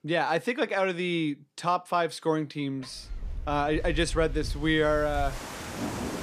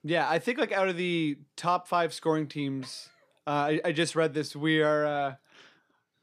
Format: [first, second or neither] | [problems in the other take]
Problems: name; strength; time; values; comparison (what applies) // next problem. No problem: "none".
second | rain or running water; loud; from 3 s on; 9 dB below the speech